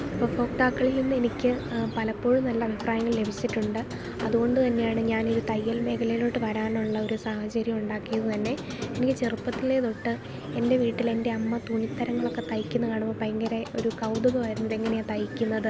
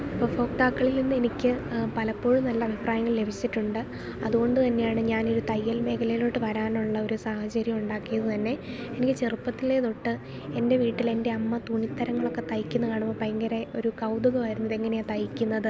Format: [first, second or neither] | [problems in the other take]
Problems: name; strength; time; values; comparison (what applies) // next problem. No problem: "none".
second | background sound (Squeak); 15 dB below the speech